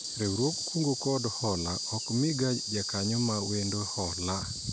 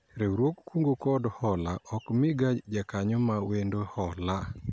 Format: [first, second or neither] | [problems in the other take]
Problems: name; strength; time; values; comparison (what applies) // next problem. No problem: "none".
second | background sound (Insect); 4 dB below the speech